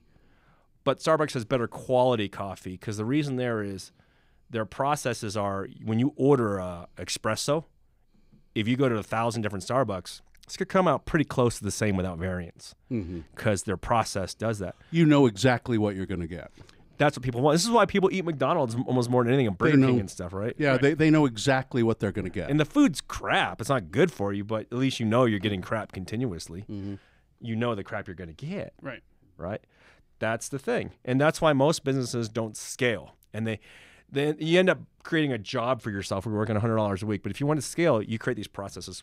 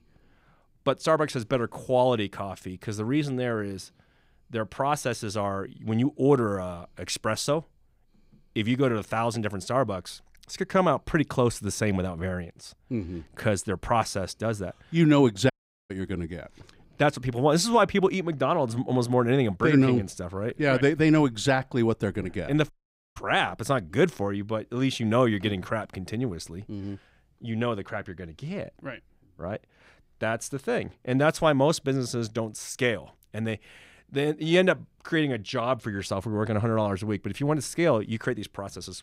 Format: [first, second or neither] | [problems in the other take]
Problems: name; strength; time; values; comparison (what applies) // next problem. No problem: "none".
first | audio cutting out; at 16 s and at 23 s